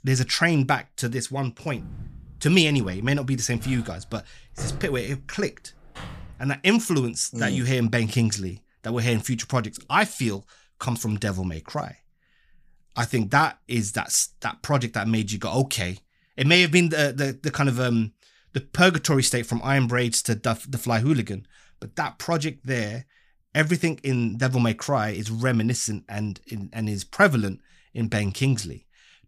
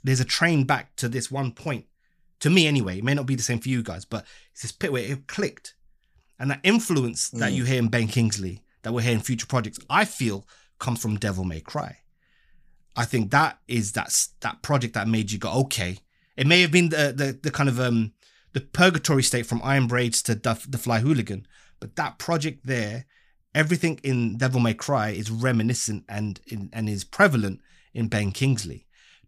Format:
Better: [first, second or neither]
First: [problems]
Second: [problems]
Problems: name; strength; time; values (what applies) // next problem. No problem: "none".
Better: second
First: footsteps; faint; from 2 to 6.5 s; peak 10 dB below the speech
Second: none